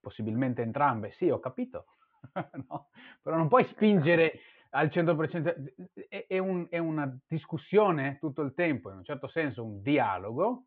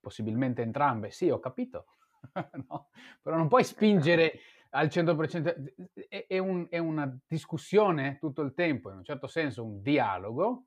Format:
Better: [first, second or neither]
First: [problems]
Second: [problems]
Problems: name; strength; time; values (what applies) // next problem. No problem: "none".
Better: second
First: muffled; very; fading above 3 kHz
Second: none